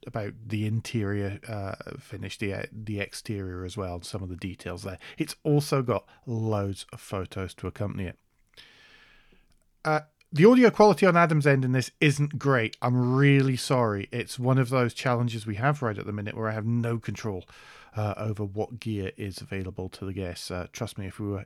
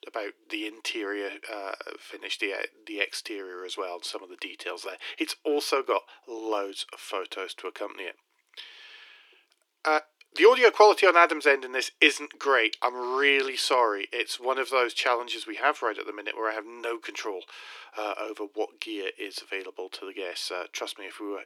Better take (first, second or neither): first